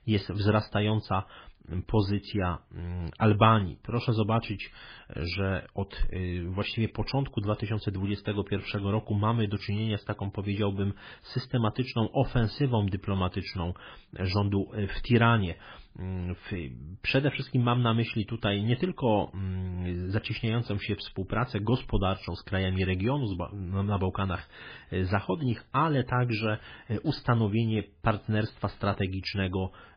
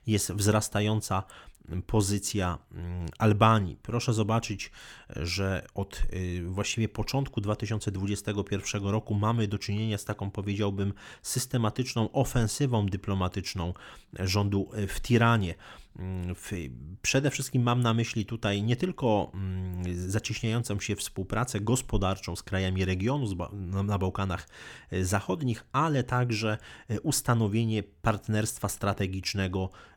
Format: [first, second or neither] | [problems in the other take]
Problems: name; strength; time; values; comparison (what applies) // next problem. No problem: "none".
second | garbled, watery; badly; nothing above 5 kHz